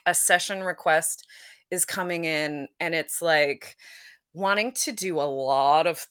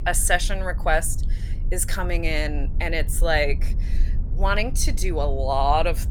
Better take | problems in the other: first | low rumble; faint; throughout; 20 dB below the speech

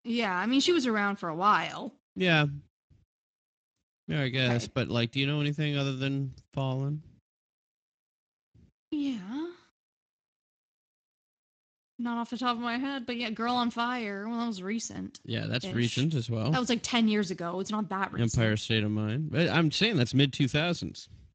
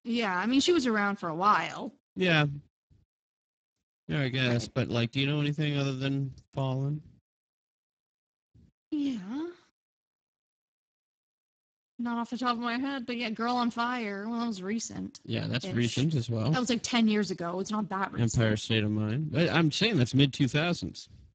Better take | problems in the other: first | garbled, watery; badly; nothing above 7.5 kHz; slightly in the first

